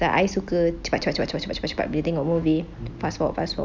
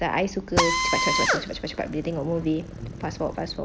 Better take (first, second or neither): first